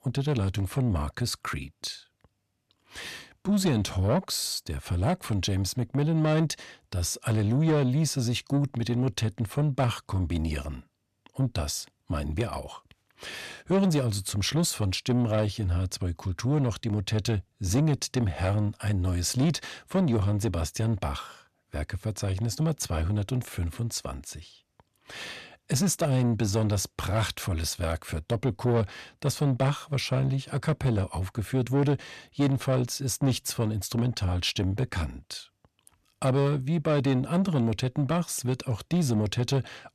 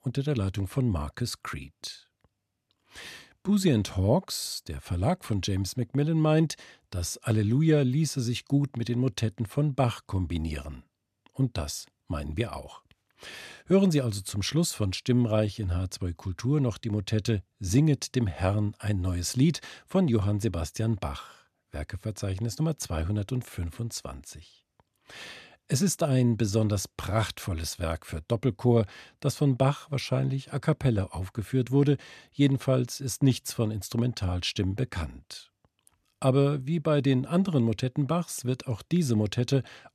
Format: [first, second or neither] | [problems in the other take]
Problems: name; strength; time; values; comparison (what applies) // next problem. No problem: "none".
second | distortion; slight; 10 dB below the speech